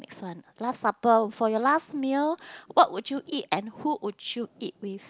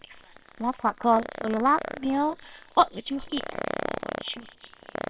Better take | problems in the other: first | noise reduction (neural separator model SepFormer WHAMR!)

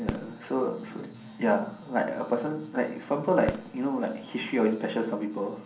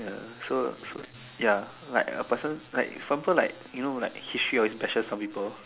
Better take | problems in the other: second | background sound (Fireworks); 13 dB below the speech // room echo; dies away in 0.6 s

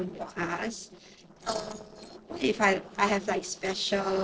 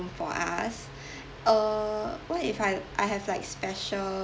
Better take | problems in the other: second | noise reduction (neural separator model SepFormer DNS4)

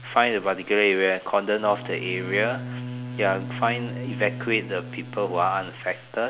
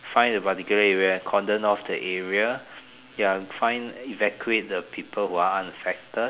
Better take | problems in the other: second | background sound (Bowed string instrument); 11 dB below the speech

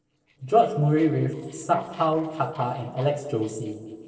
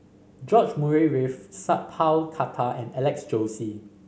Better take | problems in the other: second | noise reduction (neural separator model SepFormer DNS4)

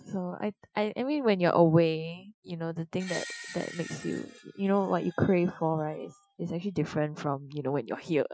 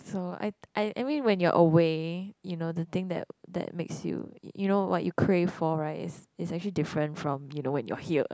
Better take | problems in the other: second | noise reduction (classical method Wiener filter)

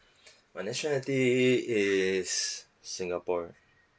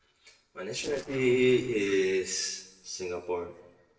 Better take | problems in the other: first | noise reduction (neural separator model SepFormer DNS4)

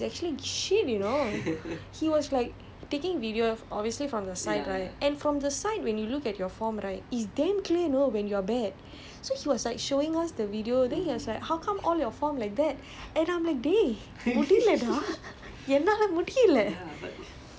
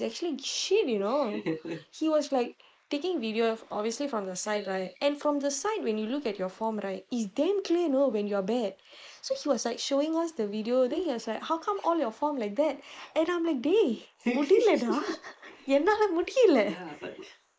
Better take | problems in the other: first | noise reduction (neural mask model Resemble Enhance denoiser)

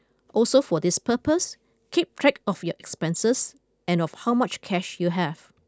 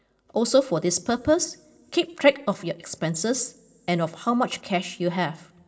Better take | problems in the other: first | room echo; dies away in 0.3 s

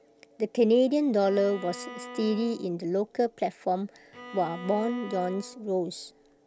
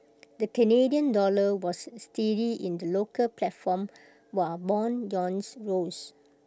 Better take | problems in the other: second | background sound (Bowed string instrument); 16 dB below the speech

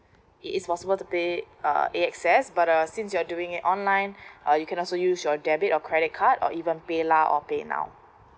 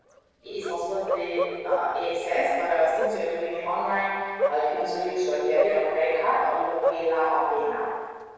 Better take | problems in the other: first | noise reduction (neural separator model SepFormer DNS4)

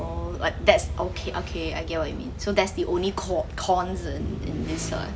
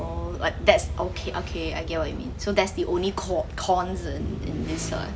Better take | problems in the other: first | background sound (Wind); 19 dB below the speech

